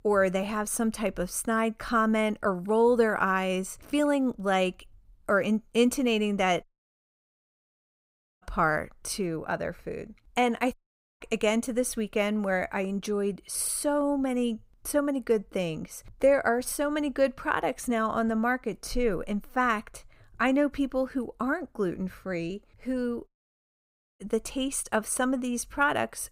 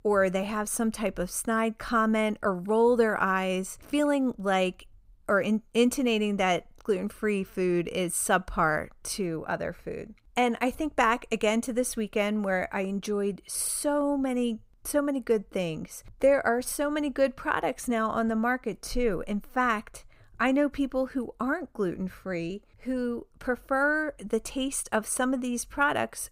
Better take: second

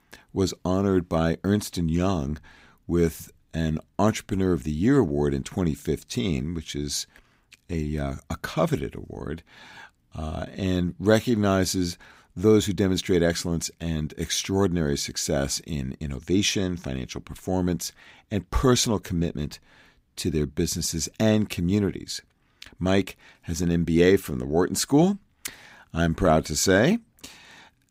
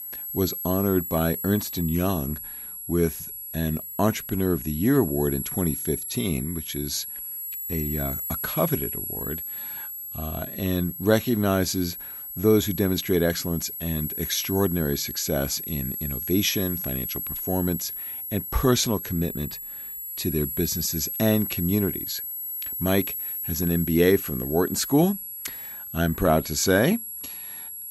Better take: first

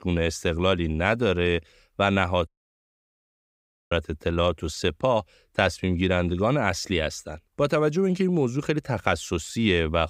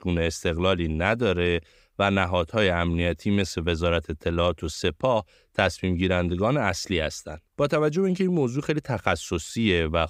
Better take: second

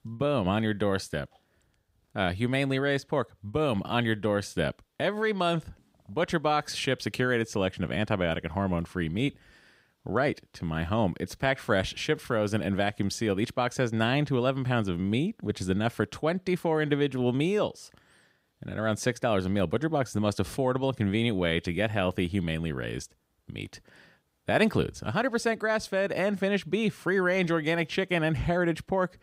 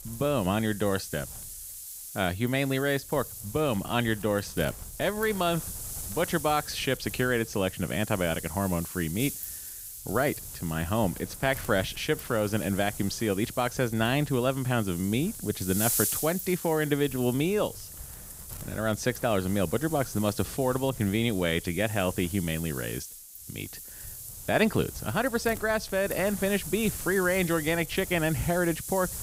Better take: first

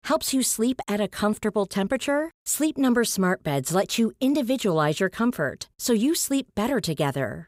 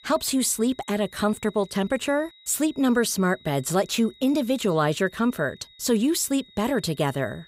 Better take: first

